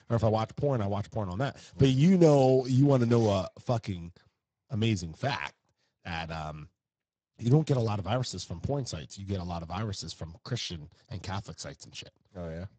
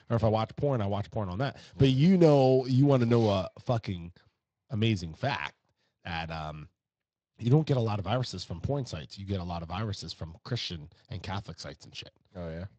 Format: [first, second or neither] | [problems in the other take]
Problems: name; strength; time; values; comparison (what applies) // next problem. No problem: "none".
second | garbled, watery; badly; nothing above 7.5 kHz; slightly in the second